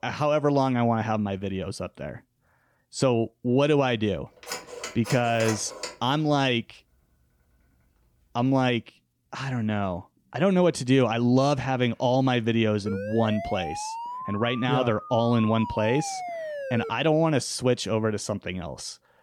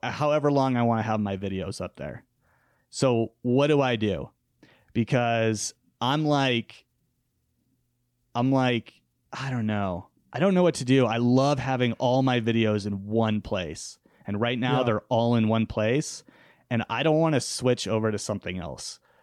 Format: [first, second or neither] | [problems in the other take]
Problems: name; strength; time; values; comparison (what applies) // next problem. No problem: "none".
second | phone ringing; noticeable; from 4.5 to 6 s; peak 8 dB below the speech // siren; noticeable; from 13 to 17 s; peak 8 dB below the speech